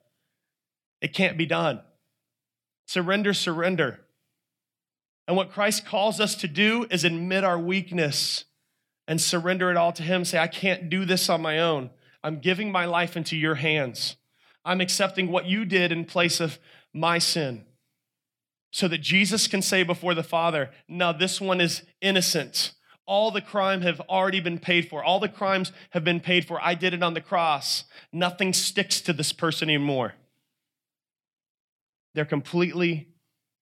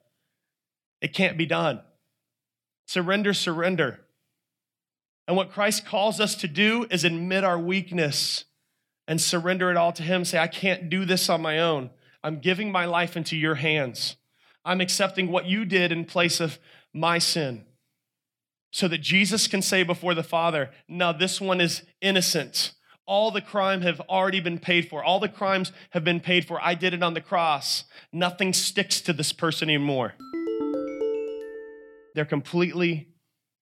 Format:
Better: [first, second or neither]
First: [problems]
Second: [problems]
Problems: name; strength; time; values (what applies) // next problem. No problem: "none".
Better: first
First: none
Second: phone ringing; noticeable; from 30 to 32 s; peak 4 dB below the speech